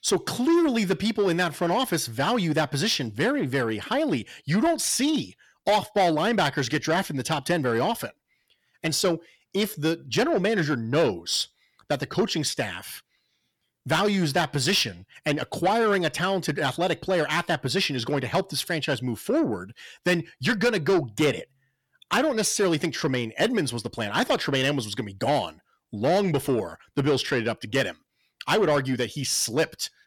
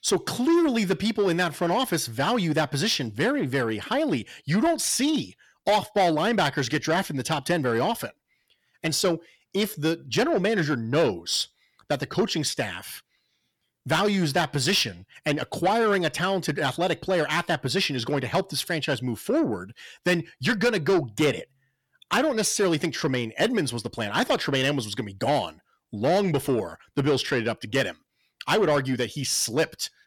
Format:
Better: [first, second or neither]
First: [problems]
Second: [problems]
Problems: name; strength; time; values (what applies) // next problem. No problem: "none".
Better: neither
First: distortion; slight; 10 dB below the speech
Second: distortion; slight; 10 dB below the speech